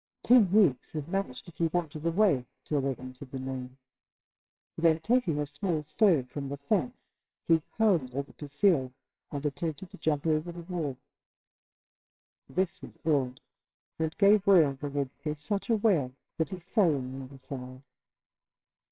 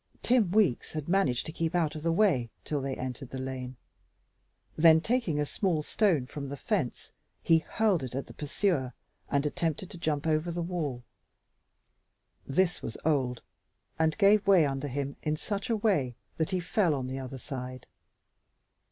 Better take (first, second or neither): second